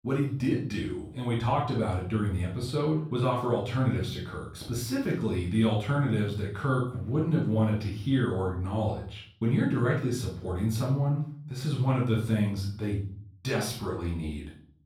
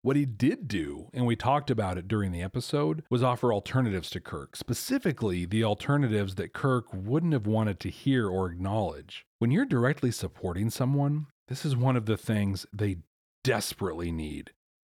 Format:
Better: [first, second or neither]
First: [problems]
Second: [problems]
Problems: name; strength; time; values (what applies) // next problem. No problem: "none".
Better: second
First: off-mic speech; far // room echo; noticeable; dies away in 0.5 s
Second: none